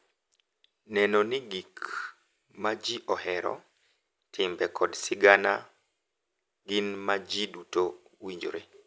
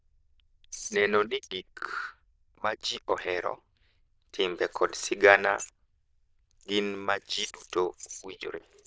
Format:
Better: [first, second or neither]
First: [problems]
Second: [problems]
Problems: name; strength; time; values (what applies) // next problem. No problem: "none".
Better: first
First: none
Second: noise reduction (neural diffusion model UNIVERSE++)